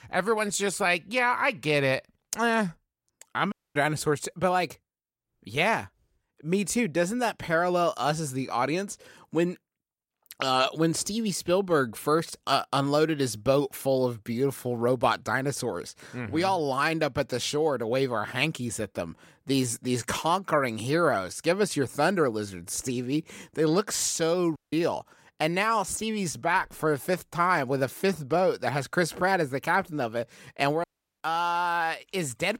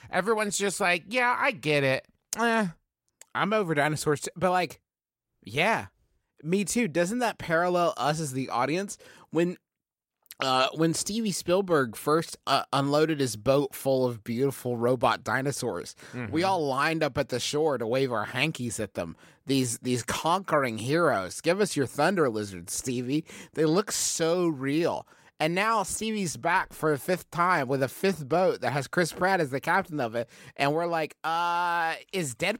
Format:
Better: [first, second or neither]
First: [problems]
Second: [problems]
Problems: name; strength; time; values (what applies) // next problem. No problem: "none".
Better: second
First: audio cutting out; at 3.5 s, at 25 s and at 31 s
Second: none